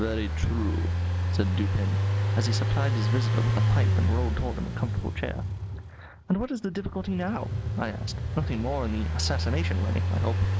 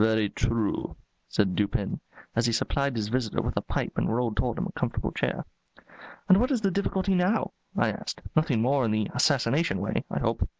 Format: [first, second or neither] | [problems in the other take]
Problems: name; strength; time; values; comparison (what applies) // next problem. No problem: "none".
second | background sound (Engine); 5 dB above the speech